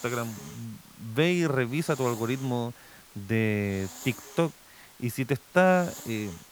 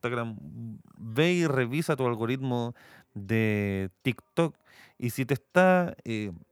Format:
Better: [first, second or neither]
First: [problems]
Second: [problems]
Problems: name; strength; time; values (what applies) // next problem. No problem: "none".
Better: second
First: hiss; noticeable; throughout; 15 dB below the speech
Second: none